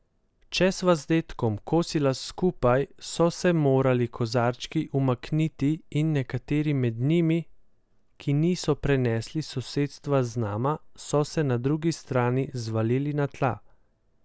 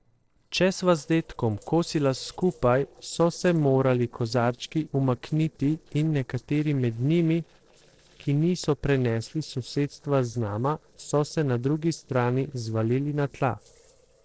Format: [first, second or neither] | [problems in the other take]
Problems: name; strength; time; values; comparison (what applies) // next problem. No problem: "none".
first | noise reduction (neural separator model SepFormer DNS4)